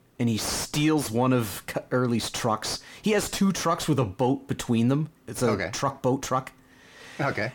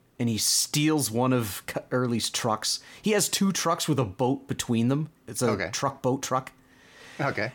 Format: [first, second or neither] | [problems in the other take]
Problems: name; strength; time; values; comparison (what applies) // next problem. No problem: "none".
second | distortion; slight; 9 dB below the speech